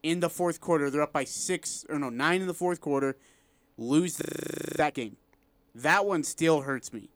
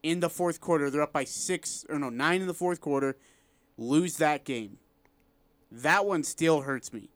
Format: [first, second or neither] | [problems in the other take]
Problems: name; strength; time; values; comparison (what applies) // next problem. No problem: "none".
second | audio freezing; at 4 s for 0.5 s